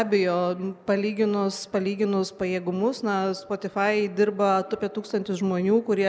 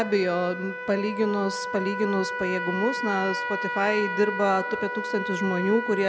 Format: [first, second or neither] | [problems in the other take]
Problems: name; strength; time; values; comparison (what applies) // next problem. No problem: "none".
first | background sound (Trumpet); 5 dB below the speech